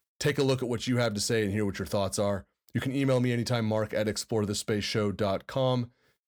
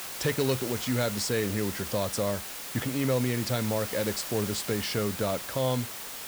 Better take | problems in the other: first | hiss; loud; throughout; 5 dB below the speech

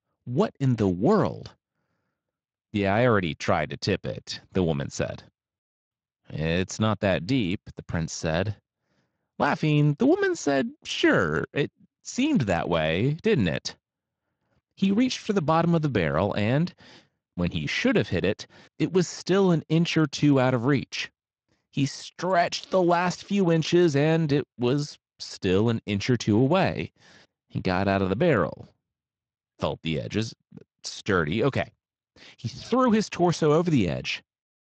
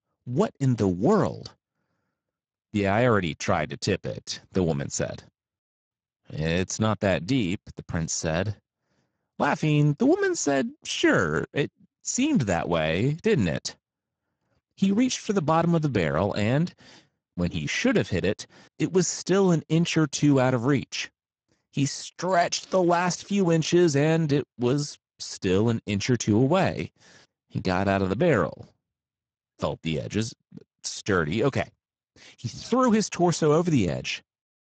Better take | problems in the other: first | garbled, watery; badly; nothing above 7.5 kHz; slightly in the first

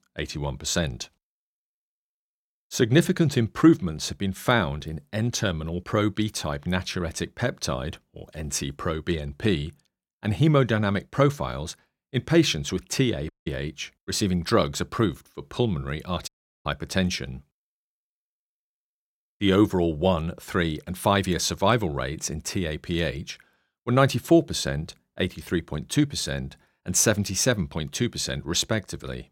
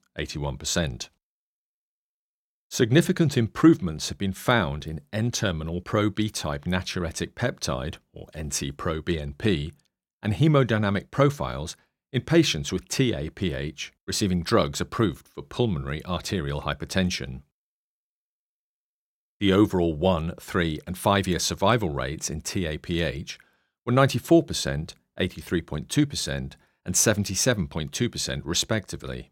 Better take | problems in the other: second | audio cutting out; at 13 s and at 16 s

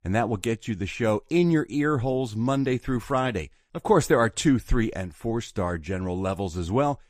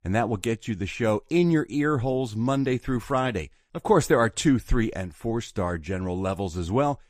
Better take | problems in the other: neither | none

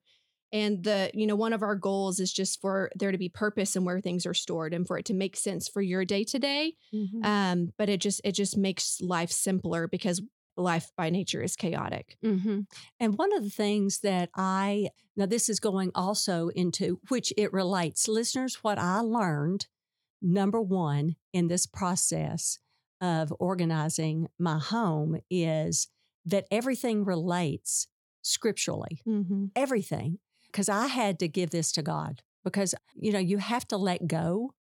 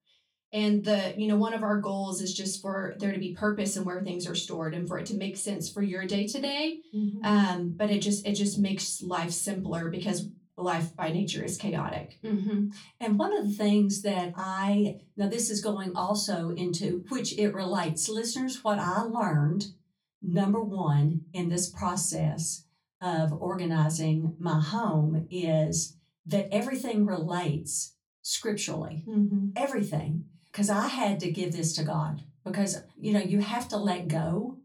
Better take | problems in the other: first | off-mic speech; far // room echo; very slight; dies away in 0.2 s

